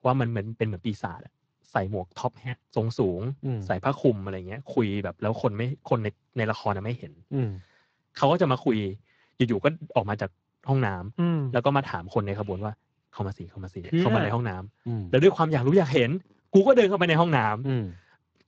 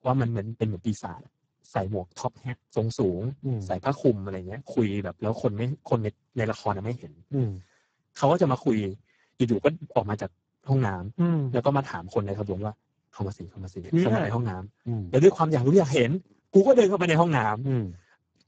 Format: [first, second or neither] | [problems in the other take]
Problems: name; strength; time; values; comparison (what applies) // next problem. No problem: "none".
first | garbled, watery; badly; nothing above 7.5 kHz; slightly in the first